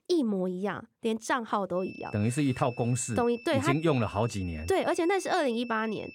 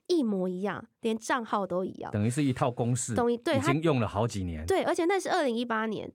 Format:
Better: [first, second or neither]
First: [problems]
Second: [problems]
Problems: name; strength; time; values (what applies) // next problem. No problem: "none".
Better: second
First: high-pitched whine; noticeable; from 2 s on; 2.5 kHz, 20 dB below the speech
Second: none